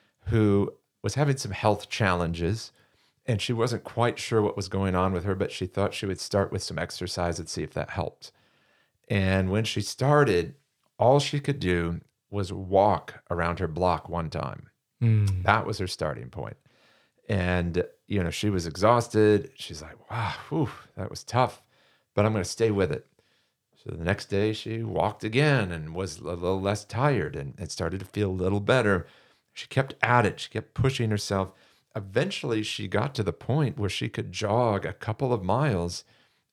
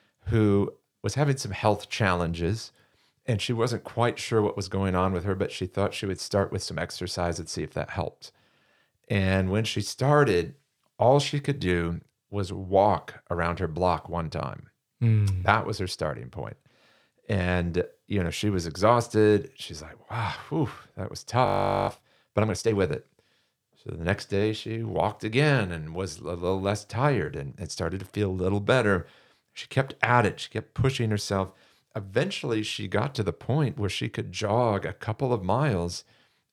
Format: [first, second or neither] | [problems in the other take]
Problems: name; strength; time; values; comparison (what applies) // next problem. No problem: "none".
first | audio freezing; at 21 s